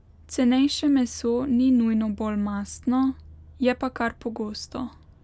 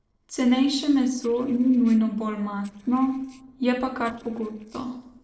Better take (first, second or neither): first